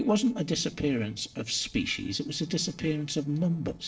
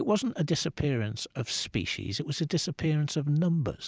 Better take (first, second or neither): second